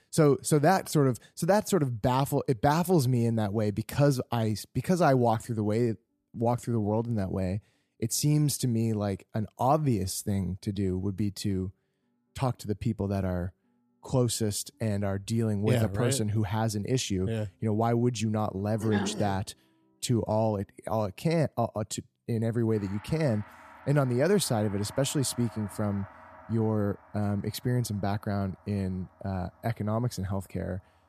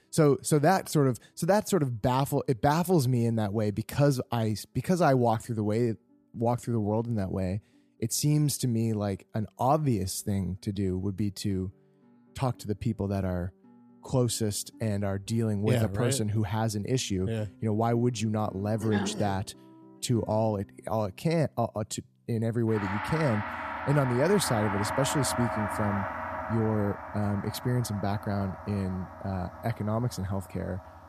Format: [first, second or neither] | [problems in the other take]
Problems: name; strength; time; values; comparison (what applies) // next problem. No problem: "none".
first | background music; loud; throughout; 8 dB below the speech; faint in the first